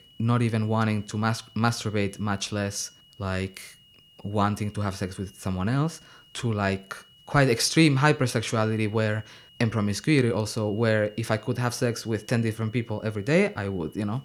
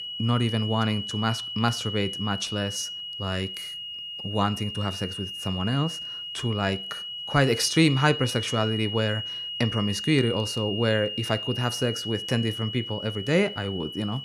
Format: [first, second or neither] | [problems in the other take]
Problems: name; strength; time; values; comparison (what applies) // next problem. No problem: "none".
first | high-pitched whine; loud; throughout; 3 kHz, 6 dB below the speech; faint in the first